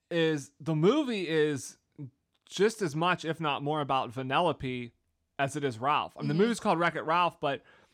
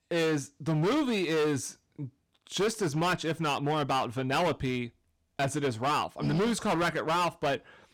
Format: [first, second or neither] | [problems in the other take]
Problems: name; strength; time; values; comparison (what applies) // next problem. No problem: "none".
first | distortion; heavy; 17% of the sound clipped